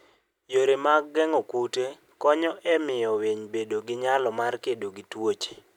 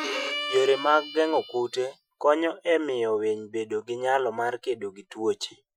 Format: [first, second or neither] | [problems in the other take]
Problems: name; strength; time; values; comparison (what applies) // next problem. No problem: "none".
first | noise reduction (classical method Wiener filter)